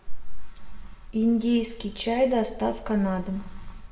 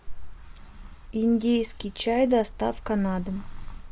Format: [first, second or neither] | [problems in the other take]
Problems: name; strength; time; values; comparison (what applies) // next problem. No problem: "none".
second | room echo; dies away in 0.7 s